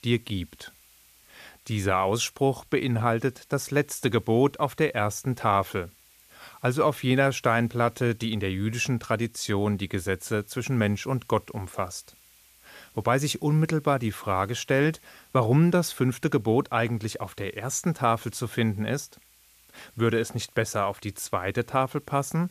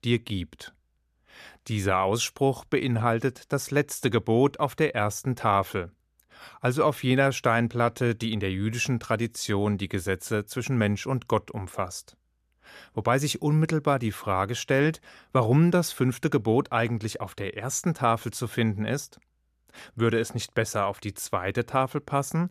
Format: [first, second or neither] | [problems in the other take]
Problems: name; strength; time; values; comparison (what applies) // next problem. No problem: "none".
second | hiss; faint; throughout; 30 dB below the speech